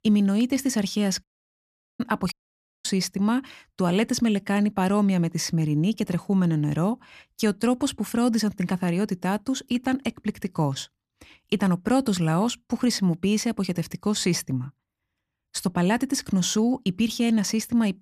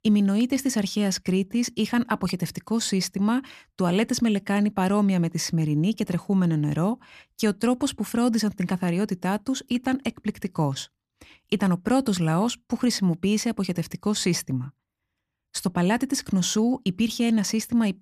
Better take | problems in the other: second | audio cutting out; at 1 s for 1 s and at 2.5 s for 0.5 s

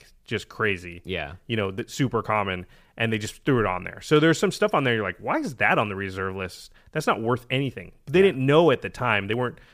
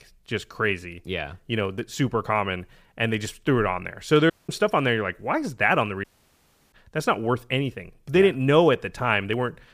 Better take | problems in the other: first | audio cutting out; at 4.5 s and at 6 s for 0.5 s

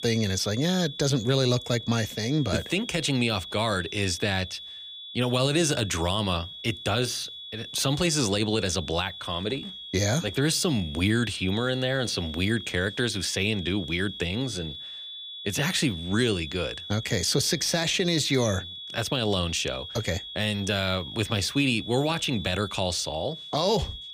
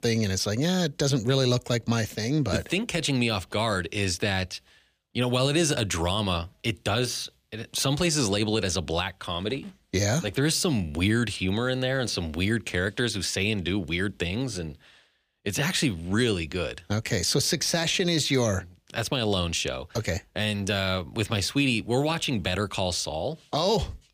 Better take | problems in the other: second | high-pitched whine; noticeable; throughout; 3.5 kHz, 10 dB below the speech

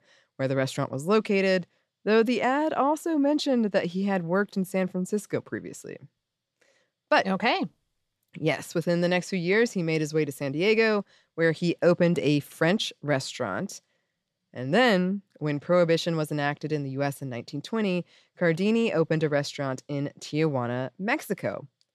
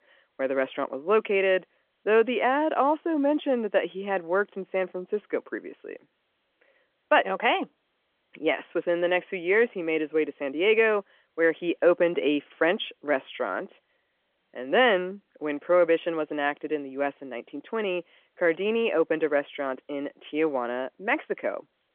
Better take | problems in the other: first | phone-call audio; nothing above 3.5 kHz

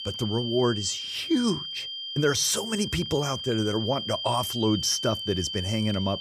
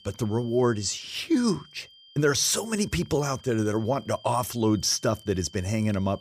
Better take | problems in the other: second | high-pitched whine; loud; throughout; 3 kHz, 5 dB below the speech; faint in the second

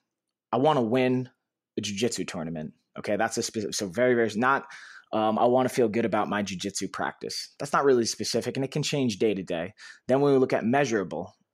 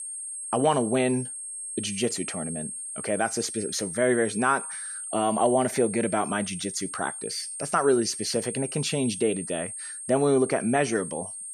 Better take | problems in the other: first | high-pitched whine; loud; throughout; 8.5 kHz, 7 dB below the speech

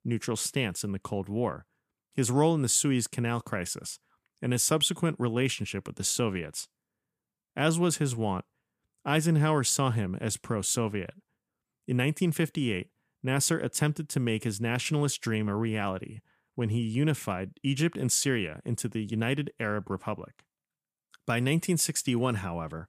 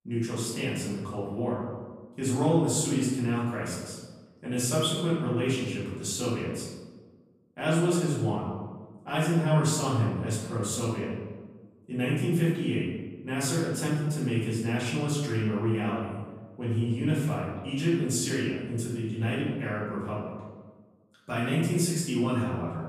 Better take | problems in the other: first | room echo; noticeable; dies away in 1.2 s // off-mic speech; far

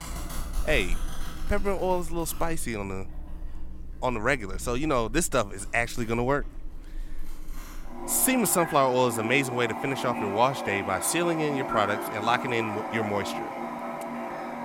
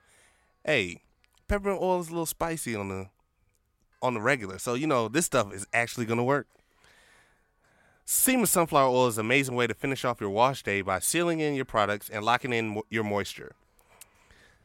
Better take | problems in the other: second | household noises; loud; throughout; 9 dB below the speech

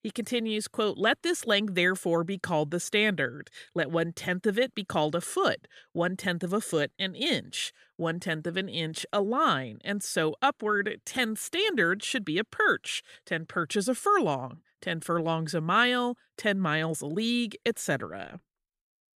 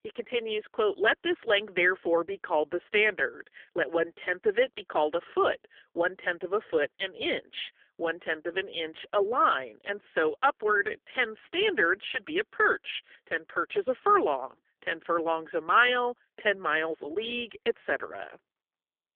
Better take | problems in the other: first | phone-call audio; poor line; nothing above 3.5 kHz

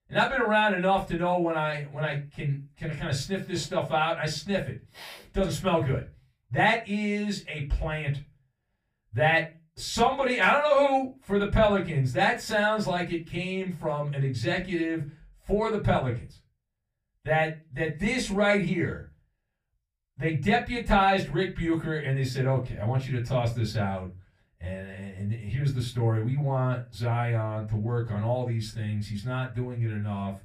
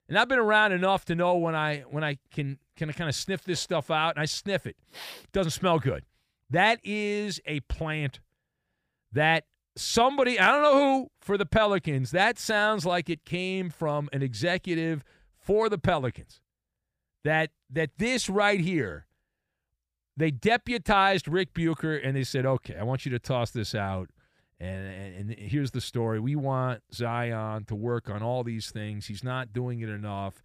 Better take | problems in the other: second | off-mic speech; far // room echo; very slight; dies away in 0.3 s

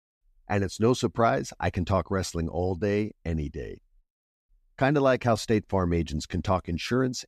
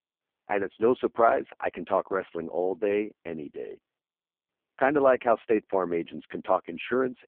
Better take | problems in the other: first | phone-call audio; poor line

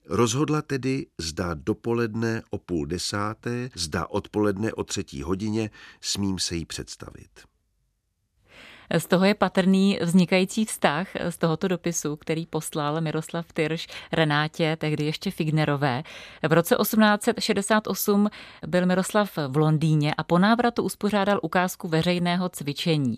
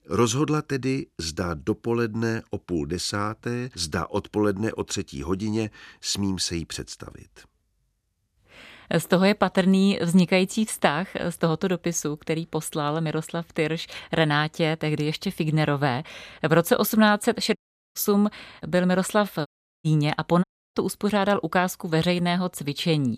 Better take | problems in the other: first | audio cutting out; at 18 s, at 19 s and at 20 s

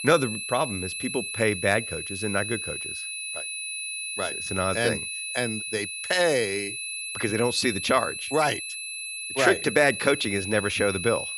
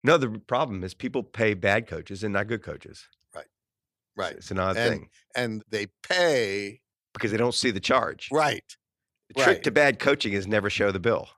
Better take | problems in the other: second | high-pitched whine; loud; throughout; 2.5 kHz, 5 dB below the speech

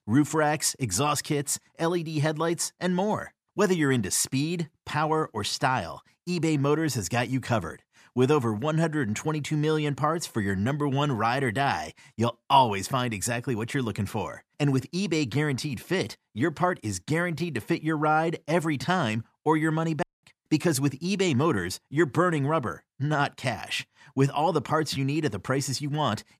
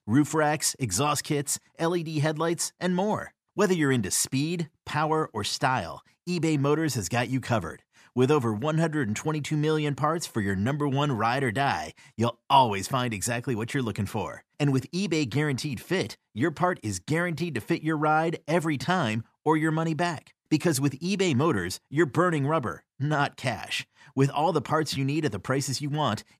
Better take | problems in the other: second | audio cutting out; at 20 s

